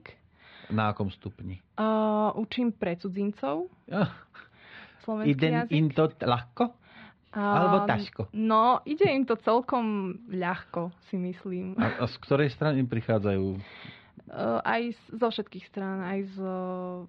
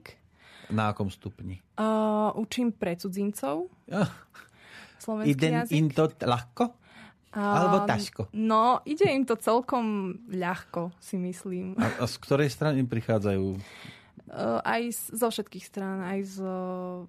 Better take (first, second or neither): second